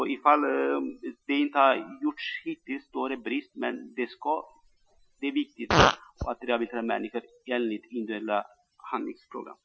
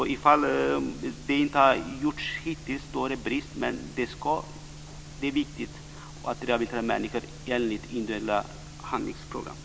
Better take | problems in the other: second | noise reduction (classical method Wiener filter)

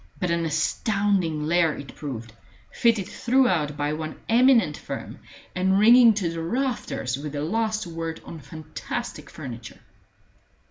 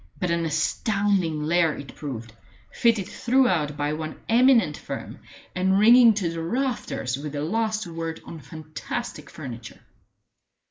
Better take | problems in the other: first | noise reduction (neural mask model Resemble Enhance denoiser)

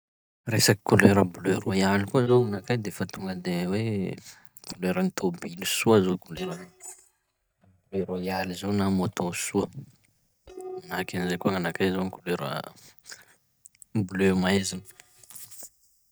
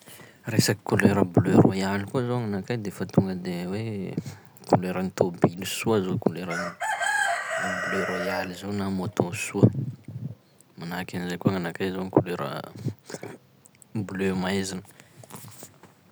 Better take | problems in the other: second | noise reduction (neural mask model DeepFilterNet 3)

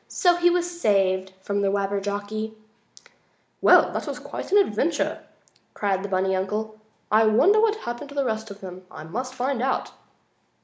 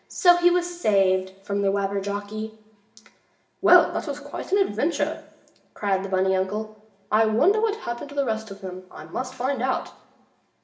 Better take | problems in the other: first | room echo; dies away in 0.7 s

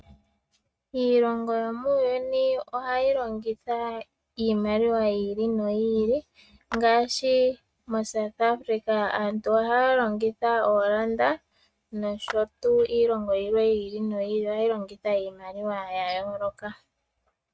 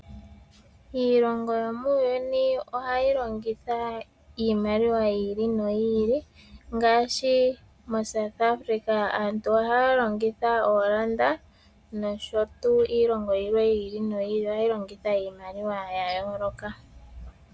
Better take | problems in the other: second | noise reduction (neural mask model RNNoise)

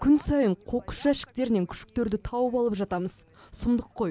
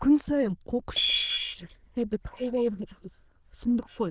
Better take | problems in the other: first | noise reduction (neural diffusion model UNIVERSE++)

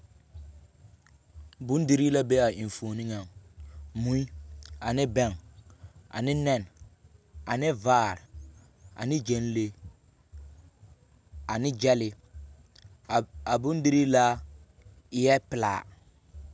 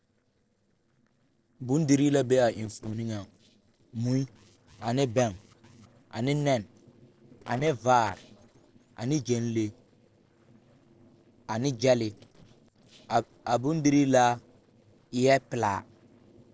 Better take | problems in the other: first | noise reduction (neural separator model SepFormer DNS4)

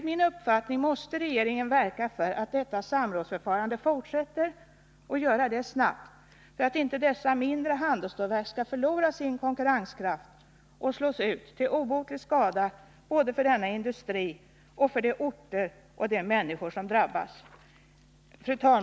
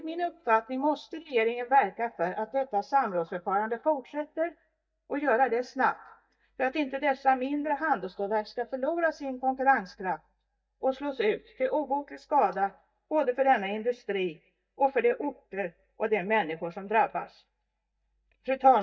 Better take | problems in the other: first | noise reduction (neural mask model DeepFilterNet 3)

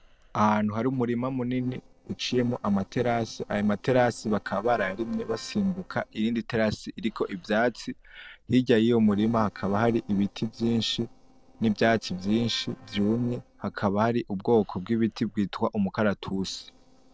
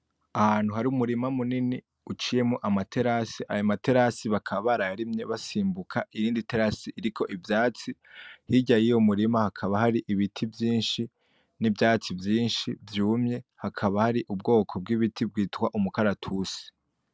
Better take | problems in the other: second | noise reduction (neural separator model SepFormer DNS4)

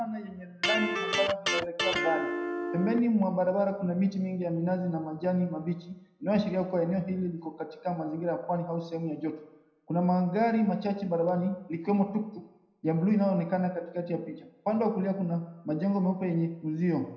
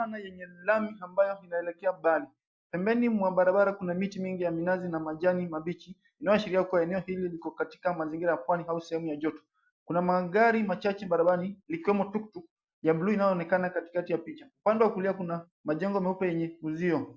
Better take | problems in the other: second | background sound (Electric guitar); 2 dB below the speech // room echo; dies away in 0.8 s

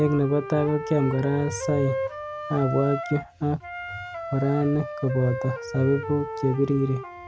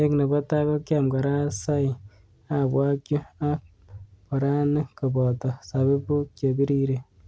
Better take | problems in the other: second | background sound (Wind instrument, woodwind instrument); 8 dB below the speech

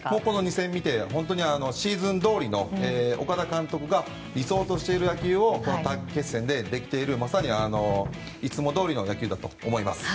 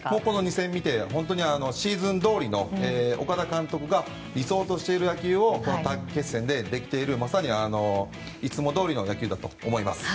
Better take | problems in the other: second | background sound (Knock); 11 dB below the speech

